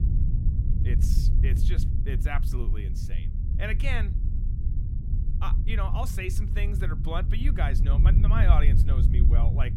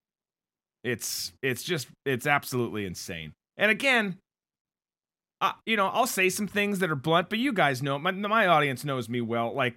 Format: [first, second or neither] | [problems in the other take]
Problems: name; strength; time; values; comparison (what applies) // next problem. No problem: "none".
second | low rumble; loud; throughout; 6 dB below the speech